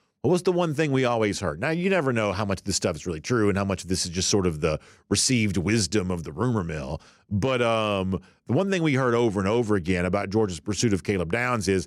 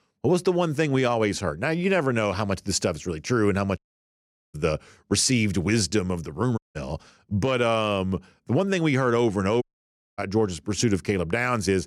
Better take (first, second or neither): first